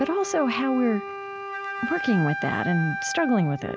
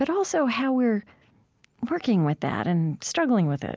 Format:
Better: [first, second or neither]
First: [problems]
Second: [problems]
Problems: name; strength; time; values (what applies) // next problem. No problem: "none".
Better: second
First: background sound (Wind instrument, woodwind instrument); 7 dB below the speech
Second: none